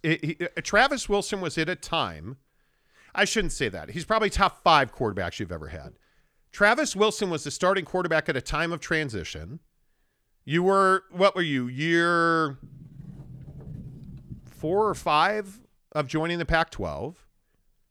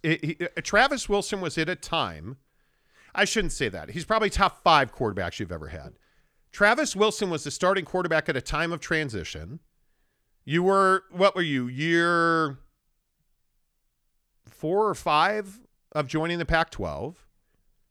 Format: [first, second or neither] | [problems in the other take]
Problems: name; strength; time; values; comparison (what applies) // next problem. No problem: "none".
second | door banging; faint; from 13 to 15 s; peak 15 dB below the speech